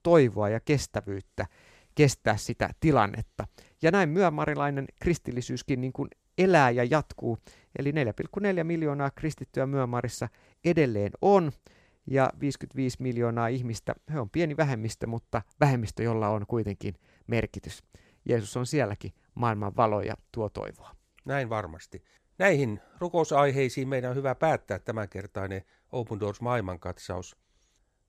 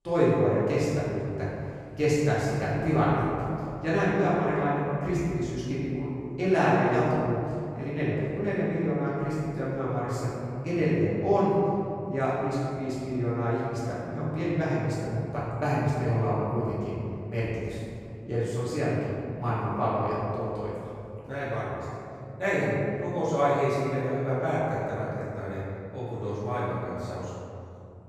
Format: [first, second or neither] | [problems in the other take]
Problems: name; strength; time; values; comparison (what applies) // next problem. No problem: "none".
first | room echo; strong; dies away in 2.6 s // off-mic speech; far